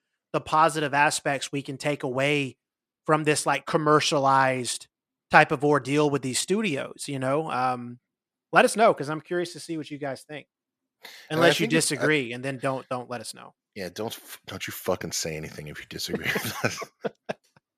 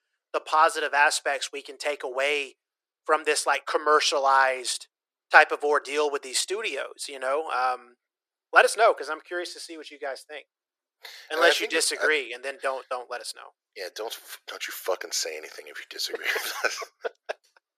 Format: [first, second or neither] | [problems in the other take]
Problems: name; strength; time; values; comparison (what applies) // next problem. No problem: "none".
first | thin; very; fading below 400 Hz